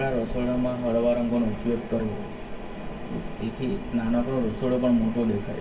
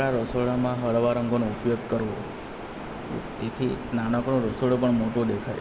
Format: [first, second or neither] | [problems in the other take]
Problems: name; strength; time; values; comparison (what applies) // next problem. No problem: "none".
second | room echo; dies away in 0.2 s